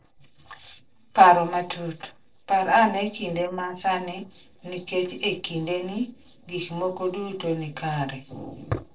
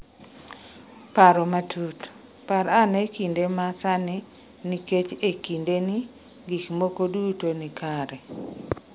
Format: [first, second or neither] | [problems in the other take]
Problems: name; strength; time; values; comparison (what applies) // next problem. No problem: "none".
second | noise reduction (neural separator model SepFormer DNS4)